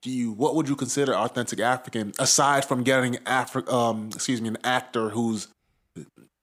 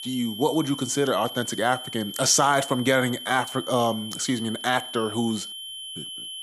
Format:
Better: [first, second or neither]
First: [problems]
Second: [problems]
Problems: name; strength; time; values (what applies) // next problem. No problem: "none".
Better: first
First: none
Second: high-pitched whine; noticeable; throughout; 3 kHz, 10 dB below the speech